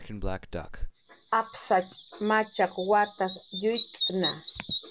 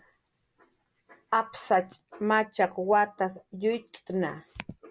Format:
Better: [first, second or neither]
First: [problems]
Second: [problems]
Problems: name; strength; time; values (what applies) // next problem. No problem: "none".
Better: second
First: background sound (Bird vocalization, bird call, bird song); 6 dB below the speech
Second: none